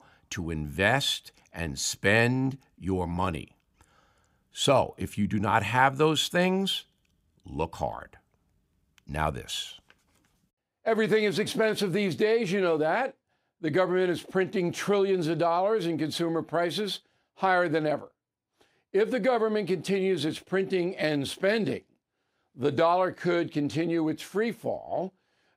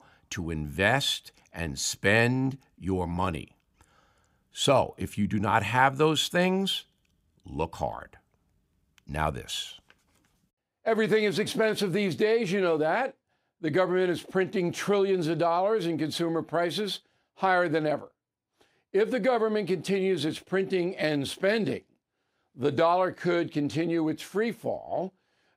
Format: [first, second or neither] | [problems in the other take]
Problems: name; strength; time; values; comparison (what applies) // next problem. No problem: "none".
neither | none